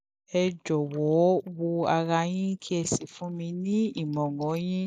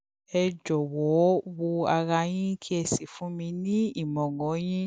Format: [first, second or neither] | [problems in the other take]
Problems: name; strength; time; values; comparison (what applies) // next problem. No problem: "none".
second | noise reduction (neural mask model Resemble Enhance denoiser)